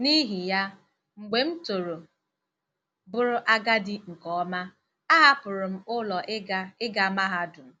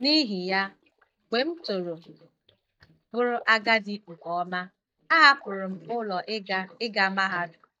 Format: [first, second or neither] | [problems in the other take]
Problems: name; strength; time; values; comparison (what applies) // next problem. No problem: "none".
first | noise reduction (neural mask model DeepFilterNet 3)